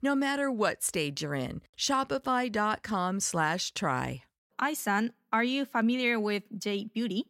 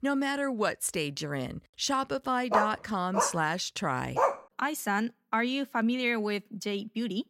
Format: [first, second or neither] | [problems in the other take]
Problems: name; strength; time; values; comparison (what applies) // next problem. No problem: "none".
first | dog barking; loud; from 2.5 to 4.5 s; peak 2 dB above the speech